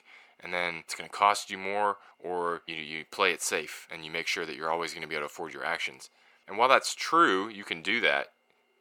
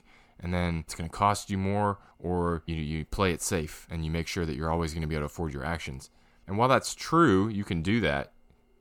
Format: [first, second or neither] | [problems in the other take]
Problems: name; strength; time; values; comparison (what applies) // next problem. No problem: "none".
second | thin; very; fading below 500 Hz